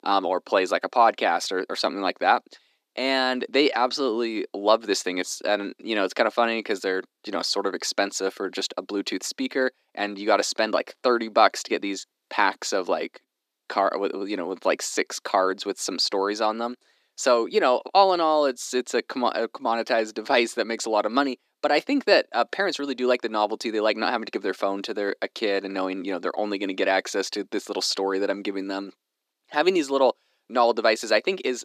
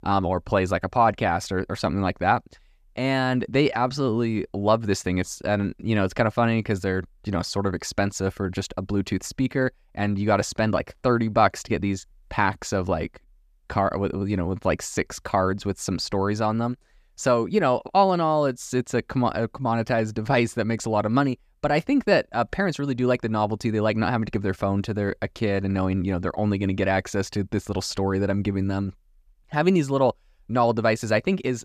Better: second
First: thin; somewhat; fading below 300 Hz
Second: none

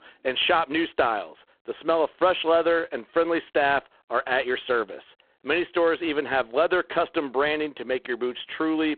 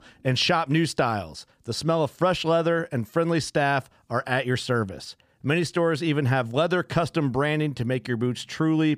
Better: second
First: phone-call audio; poor line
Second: none

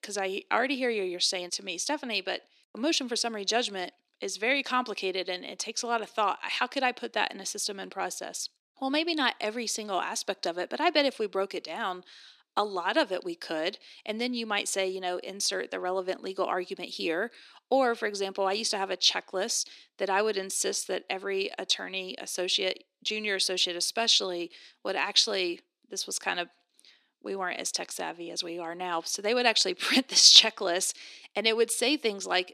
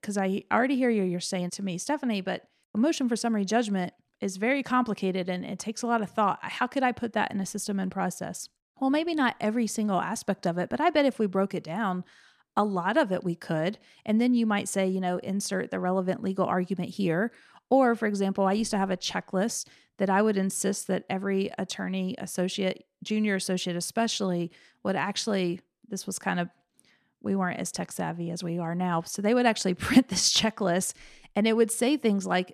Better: second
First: thin; somewhat; fading below 300 Hz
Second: none

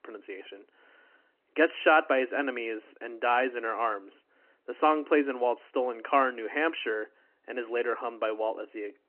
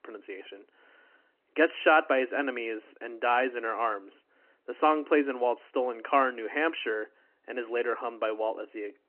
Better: neither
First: phone-call audio; nothing above 2.5 kHz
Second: phone-call audio; nothing above 2.5 kHz

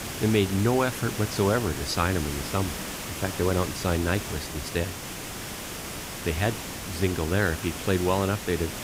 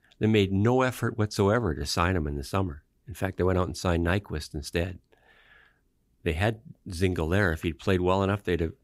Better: second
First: hiss; loud; throughout; 7 dB below the speech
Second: none

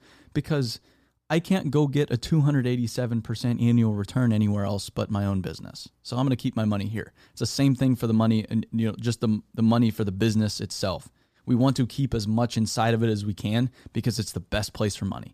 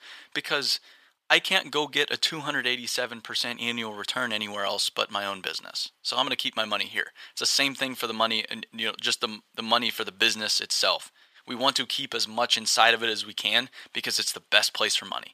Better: first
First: none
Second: thin; very; fading below 750 Hz

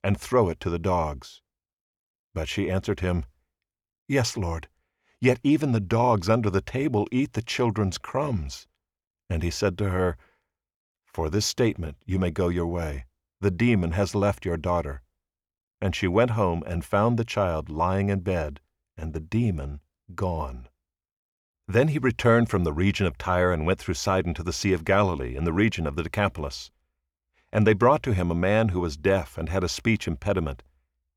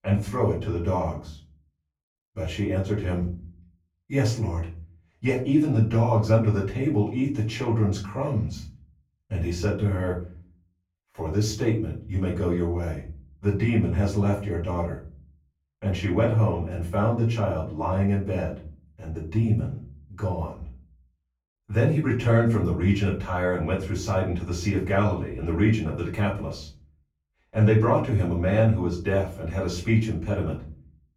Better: first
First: none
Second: off-mic speech; far // room echo; slight; dies away in 0.5 s

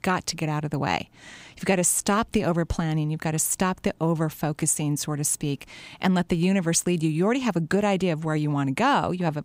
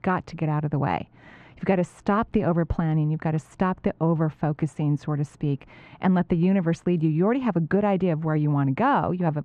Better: first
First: none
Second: muffled; very; fading above 1.5 kHz

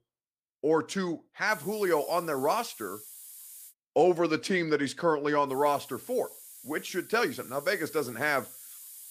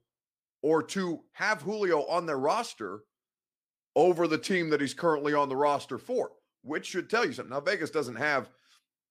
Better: second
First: hiss; noticeable; from 1.5 to 3.5 s and from 5.5 s on; 15 dB below the speech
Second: none

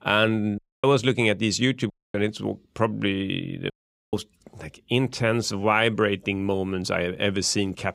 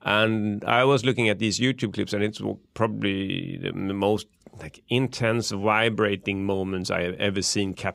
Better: second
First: audio cutting out; at 0.5 s, at 2 s and at 3.5 s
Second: none

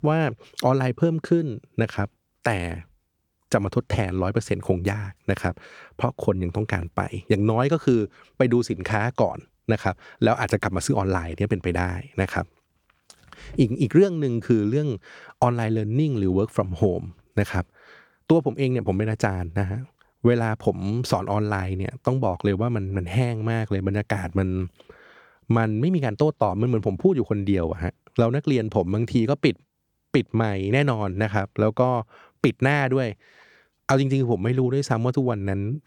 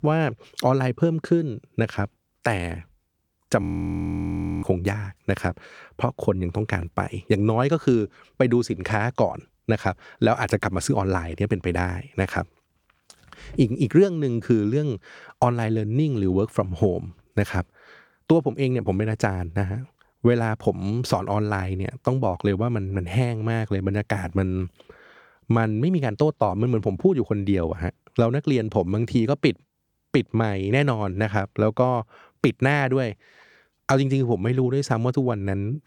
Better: first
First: none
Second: audio freezing; at 3.5 s for 1 s

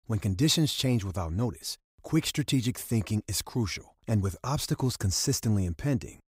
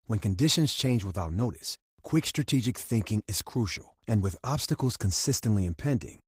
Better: first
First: none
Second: garbled, watery; slightly; nothing above 15.5 kHz

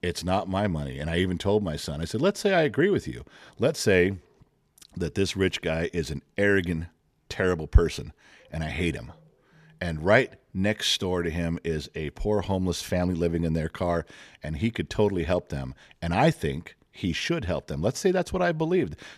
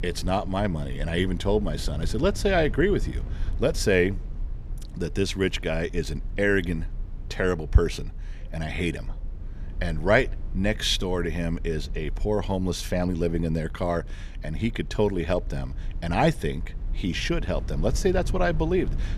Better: first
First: none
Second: low rumble; faint; throughout; 25 dB below the speech

